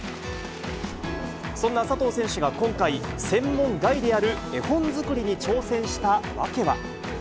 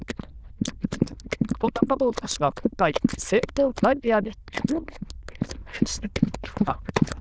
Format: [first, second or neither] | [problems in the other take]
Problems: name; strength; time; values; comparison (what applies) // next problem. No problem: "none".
first | noise reduction (neural diffusion model UNIVERSE++)